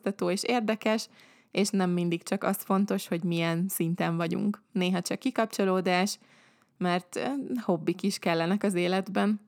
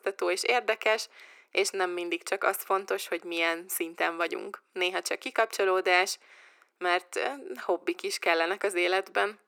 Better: first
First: none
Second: thin; very; fading below 350 Hz

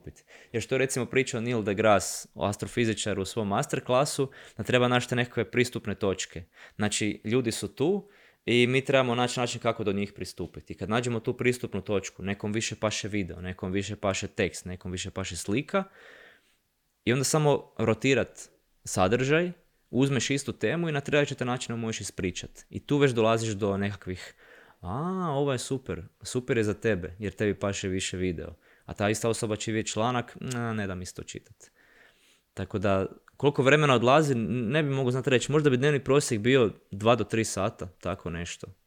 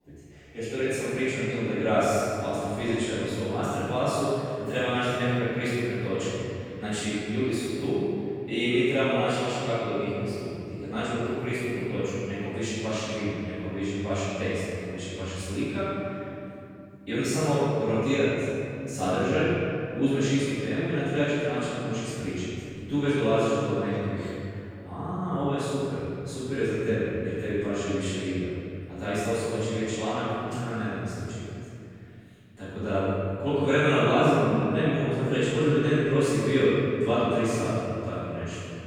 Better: first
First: none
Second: room echo; strong; dies away in 2.6 s // off-mic speech; far

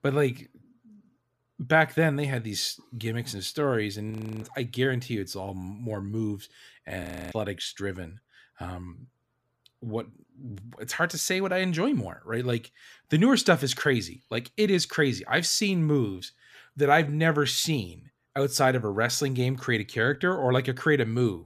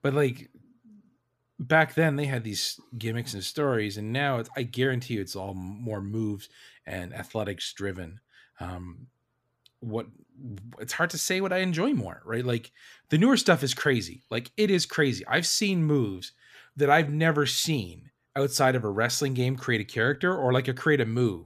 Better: second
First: audio freezing; at 4 s and at 7 s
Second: none

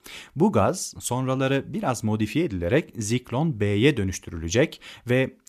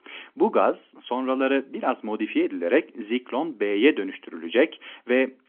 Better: first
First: none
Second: phone-call audio; nothing above 3.5 kHz

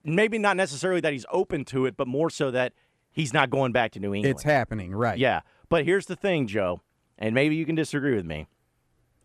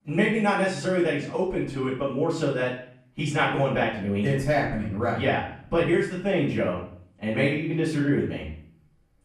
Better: first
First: none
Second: off-mic speech; far // room echo; noticeable; dies away in 0.5 s

